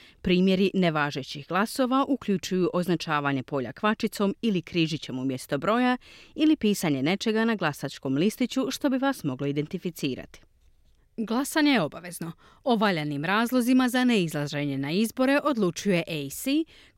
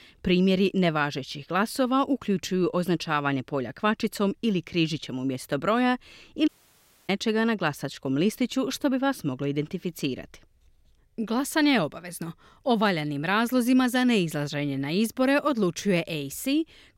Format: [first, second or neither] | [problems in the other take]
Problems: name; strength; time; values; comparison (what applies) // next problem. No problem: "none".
first | audio cutting out; at 6.5 s for 0.5 s